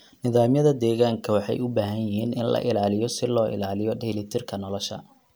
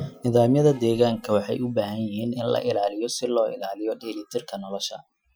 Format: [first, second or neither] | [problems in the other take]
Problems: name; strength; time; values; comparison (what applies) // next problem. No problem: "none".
first | noise reduction (classical method Wiener filter)